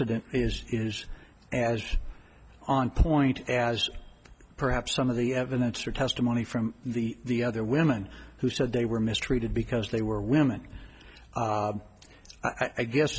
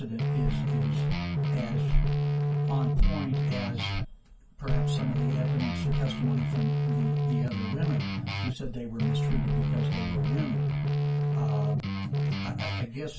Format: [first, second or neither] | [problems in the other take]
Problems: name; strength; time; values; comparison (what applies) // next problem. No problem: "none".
first | background sound (Guitar); 5 dB above the speech // room echo; dies away in 0.2 s